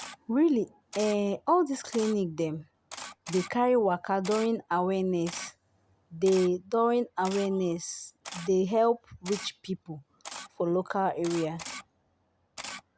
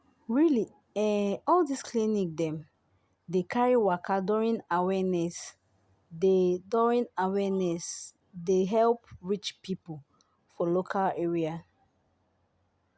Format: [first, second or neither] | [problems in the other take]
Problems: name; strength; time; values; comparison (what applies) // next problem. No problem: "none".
second | background sound (Camera); 17 dB below the speech